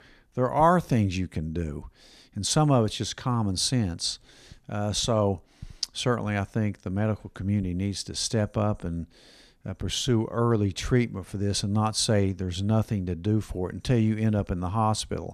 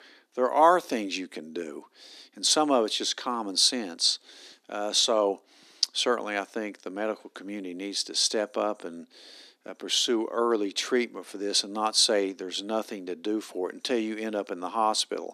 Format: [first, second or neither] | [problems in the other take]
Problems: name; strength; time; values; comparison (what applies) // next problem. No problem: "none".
first | thin; somewhat; fading below 250 Hz